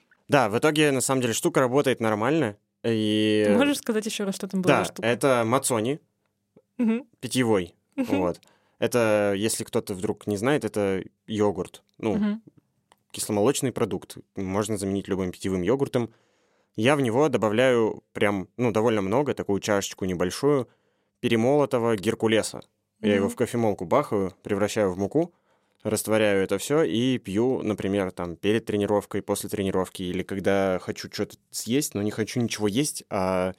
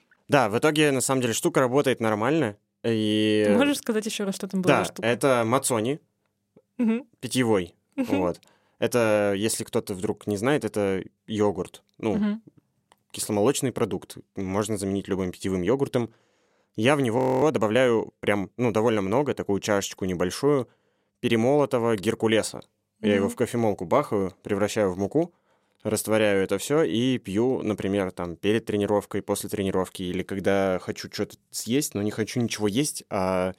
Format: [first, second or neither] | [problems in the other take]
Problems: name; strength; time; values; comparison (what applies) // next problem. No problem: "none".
first | audio freezing; at 17 s